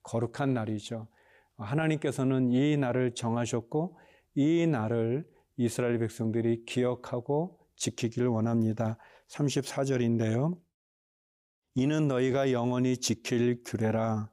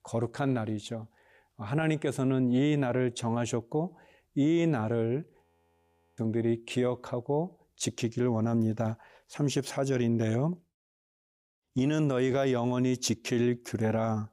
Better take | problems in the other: first | audio freezing; at 5.5 s for 1 s

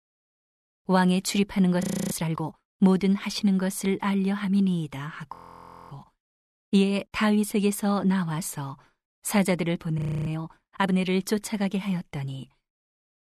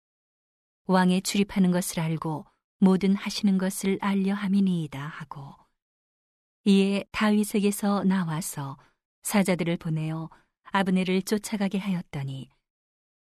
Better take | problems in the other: second | audio freezing; at 2 s, at 5.5 s for 0.5 s and at 10 s

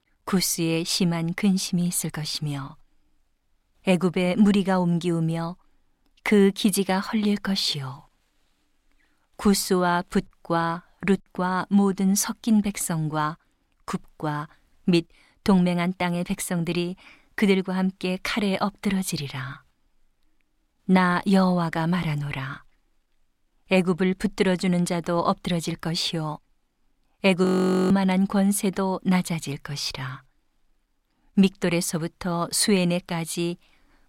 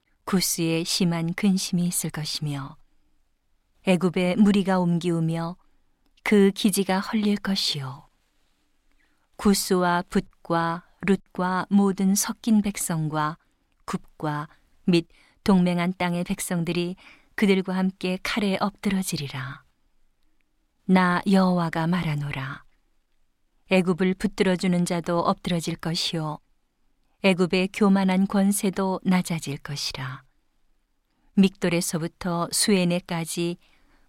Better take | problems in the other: second | audio freezing; at 27 s

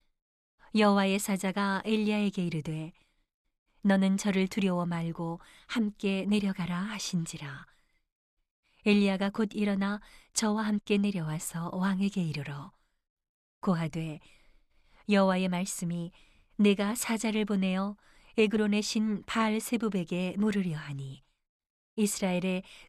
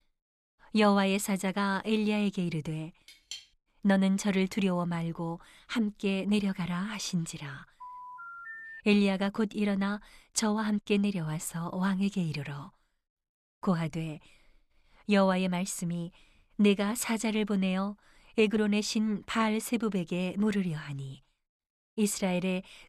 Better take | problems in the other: first | clattering dishes; faint; at 3 s; peak 15 dB below the speech // phone ringing; faint; from 8 to 9 s; peak 10 dB below the speech

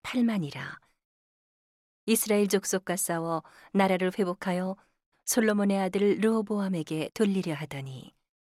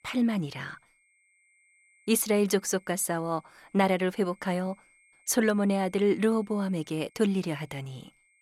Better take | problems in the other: first | high-pitched whine; faint; throughout; 2 kHz, 35 dB below the speech

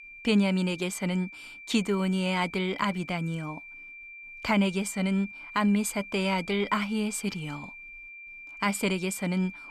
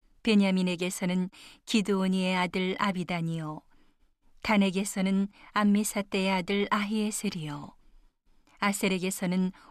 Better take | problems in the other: second | high-pitched whine; noticeable; throughout; 2.5 kHz, 15 dB below the speech

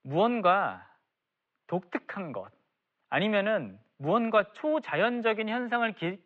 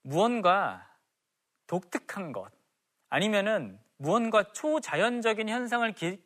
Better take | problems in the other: second | muffled; very slightly; fading above 3.5 kHz

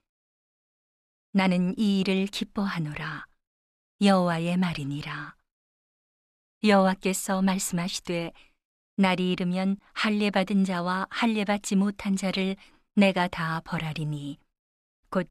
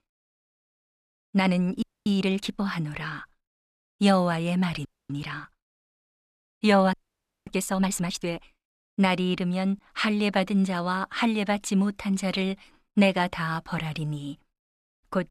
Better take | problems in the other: first | audio freezing; at 2 s, at 5 s and at 7 s for 0.5 s

